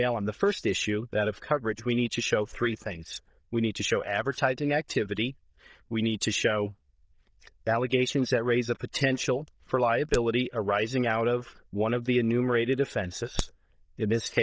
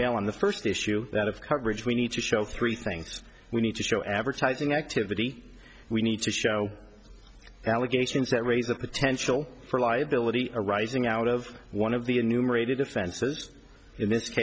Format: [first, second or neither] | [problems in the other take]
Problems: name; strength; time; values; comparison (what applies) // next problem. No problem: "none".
second | noise reduction (neural diffusion model UNIVERSE++)